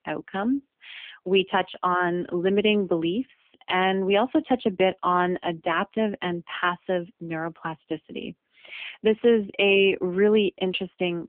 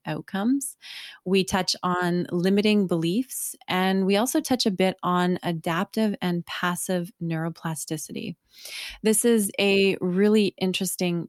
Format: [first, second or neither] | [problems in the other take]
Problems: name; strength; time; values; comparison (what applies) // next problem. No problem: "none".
second | phone-call audio; poor line; nothing above 3 kHz